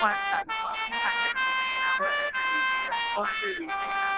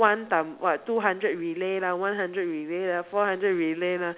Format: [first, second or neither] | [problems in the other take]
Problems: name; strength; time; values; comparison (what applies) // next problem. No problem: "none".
second | noise reduction (neural diffusion model UNIVERSE++)